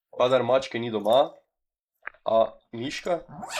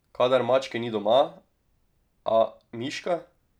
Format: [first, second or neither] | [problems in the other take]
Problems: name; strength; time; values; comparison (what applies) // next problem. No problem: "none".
second | noise reduction (neural mask model Resemble Enhance denoiser)